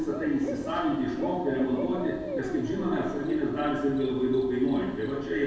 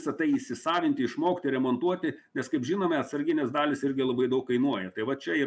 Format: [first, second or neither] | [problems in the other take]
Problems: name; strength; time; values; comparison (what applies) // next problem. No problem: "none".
second | background sound (Cricket / Bird); 11 dB below the speech // room echo; dies away in 1.2 s